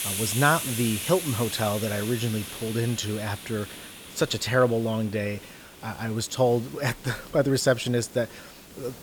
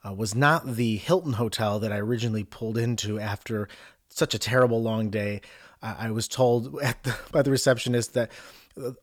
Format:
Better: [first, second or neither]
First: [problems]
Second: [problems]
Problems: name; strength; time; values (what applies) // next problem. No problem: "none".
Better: second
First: hiss; loud; throughout; 9 dB below the speech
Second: none